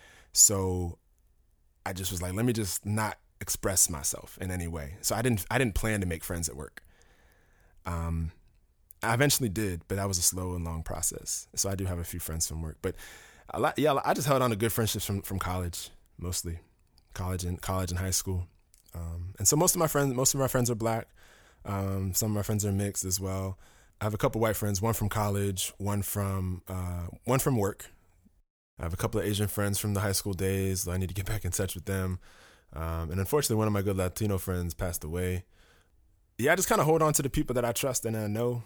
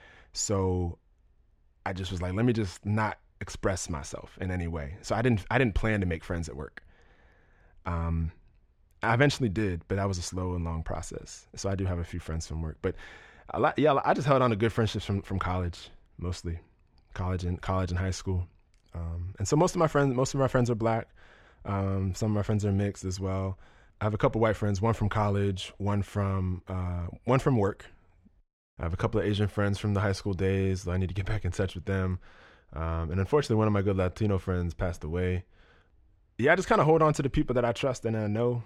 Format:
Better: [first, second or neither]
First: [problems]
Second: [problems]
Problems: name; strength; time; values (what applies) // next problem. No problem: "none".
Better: first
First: none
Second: muffled; slightly; fading above 3 kHz